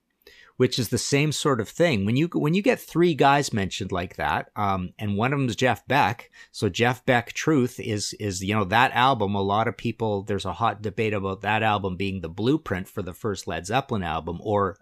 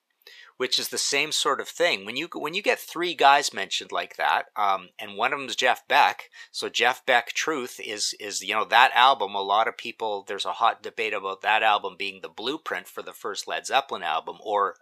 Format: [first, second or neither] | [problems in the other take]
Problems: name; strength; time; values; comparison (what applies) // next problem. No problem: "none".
first | thin; very; fading below 700 Hz